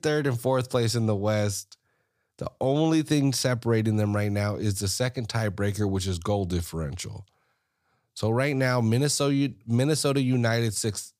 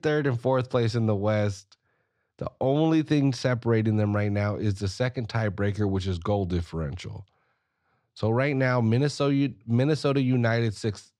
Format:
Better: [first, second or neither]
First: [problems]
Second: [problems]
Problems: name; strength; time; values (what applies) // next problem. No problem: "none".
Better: first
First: none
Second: muffled; slightly; fading above 3.5 kHz